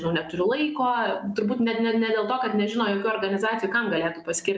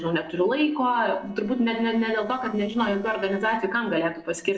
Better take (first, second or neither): first